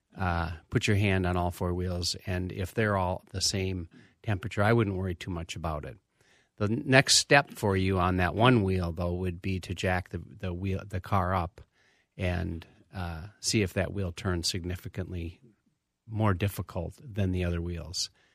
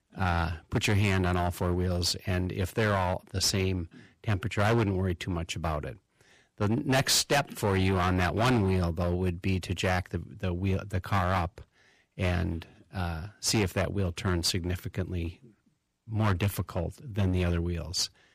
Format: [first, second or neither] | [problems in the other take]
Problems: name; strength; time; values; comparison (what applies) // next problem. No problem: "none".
first | distortion; heavy; 10% of the sound clipped